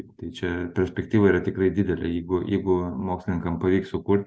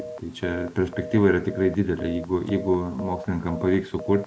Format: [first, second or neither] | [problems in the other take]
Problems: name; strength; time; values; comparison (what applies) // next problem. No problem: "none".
first | background sound (Telephone); 14 dB below the speech